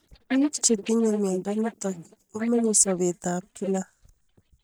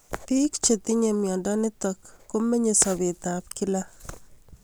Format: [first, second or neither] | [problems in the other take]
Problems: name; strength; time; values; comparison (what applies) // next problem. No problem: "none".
second | noise reduction (neural mask model DeepFilterNet 3)